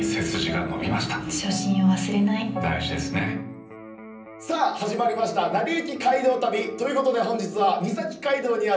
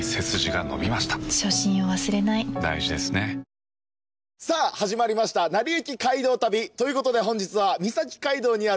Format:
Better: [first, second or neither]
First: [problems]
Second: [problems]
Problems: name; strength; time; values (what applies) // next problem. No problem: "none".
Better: second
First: background sound (Electric guitar); 19 dB below the speech // room echo; dies away in 0.6 s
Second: none